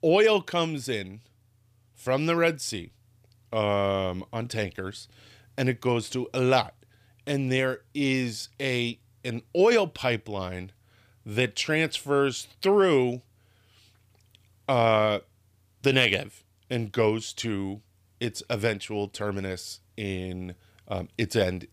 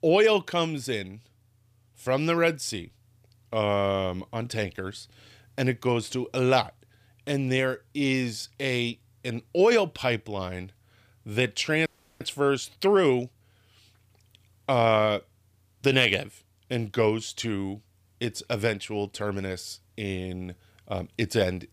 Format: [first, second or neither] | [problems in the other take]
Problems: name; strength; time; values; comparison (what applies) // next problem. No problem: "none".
first | audio freezing; at 12 s